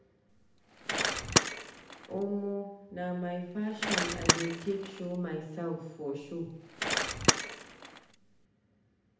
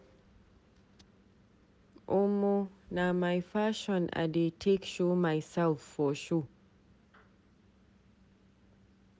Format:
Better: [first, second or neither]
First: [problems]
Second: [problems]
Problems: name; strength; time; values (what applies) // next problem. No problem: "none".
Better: second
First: background sound (Bicycle); 5 dB above the speech // room echo; dies away in 0.8 s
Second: none